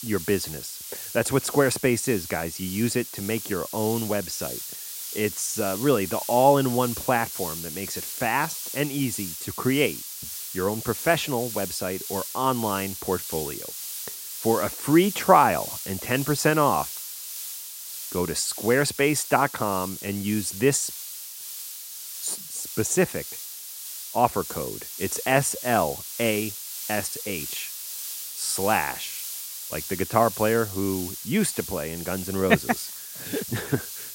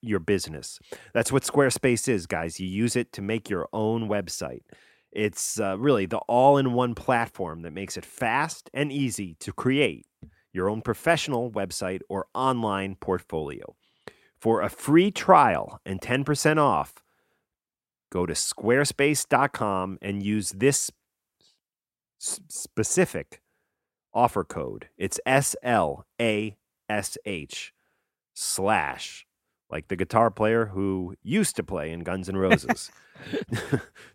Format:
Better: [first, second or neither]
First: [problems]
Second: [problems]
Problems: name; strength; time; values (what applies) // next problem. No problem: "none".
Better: second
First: hiss; loud; throughout; 8 dB below the speech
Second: none